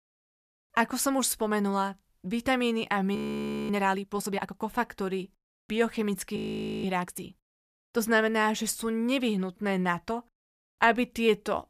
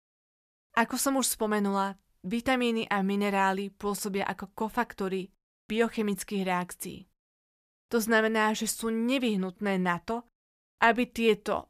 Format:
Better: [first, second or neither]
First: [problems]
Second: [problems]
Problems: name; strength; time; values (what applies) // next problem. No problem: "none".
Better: second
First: audio freezing; at 3 s for 0.5 s and at 6.5 s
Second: none